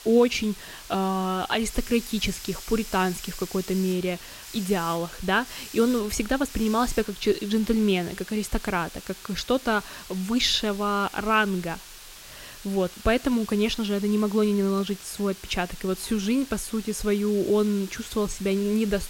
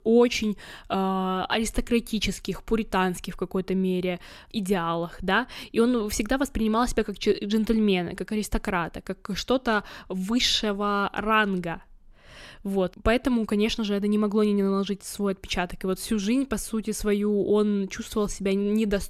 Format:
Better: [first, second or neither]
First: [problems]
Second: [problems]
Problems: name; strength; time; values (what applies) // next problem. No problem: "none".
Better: second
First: hiss; noticeable; throughout; 15 dB below the speech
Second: none